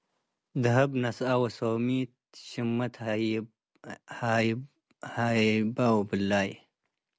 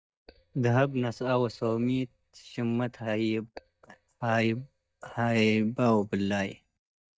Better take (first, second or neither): first